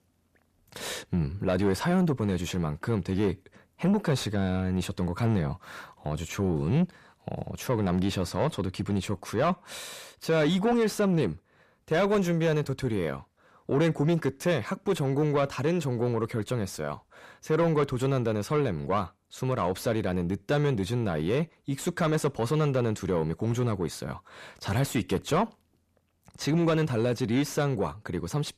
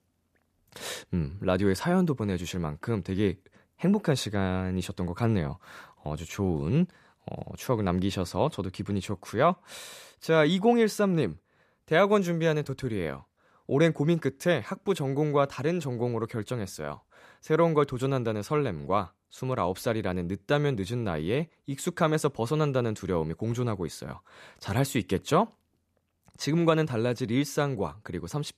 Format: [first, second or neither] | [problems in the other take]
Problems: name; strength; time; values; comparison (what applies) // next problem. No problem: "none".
second | distortion; slight; 10 dB below the speech